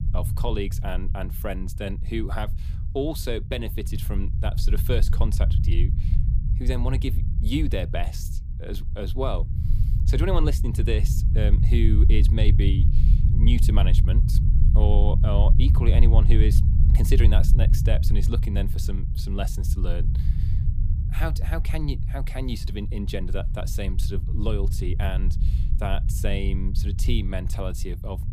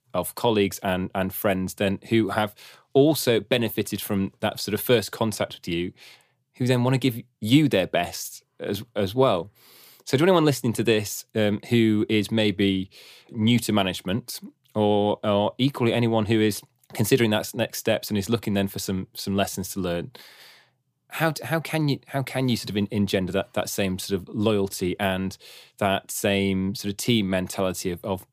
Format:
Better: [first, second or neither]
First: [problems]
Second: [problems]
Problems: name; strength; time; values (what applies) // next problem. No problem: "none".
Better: second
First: low rumble; loud; throughout; 7 dB below the speech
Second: none